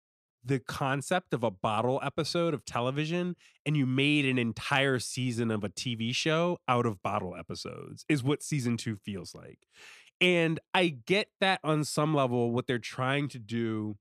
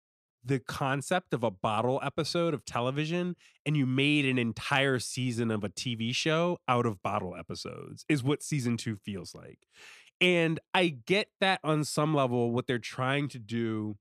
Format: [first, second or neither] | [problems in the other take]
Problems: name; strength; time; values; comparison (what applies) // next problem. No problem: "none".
neither | none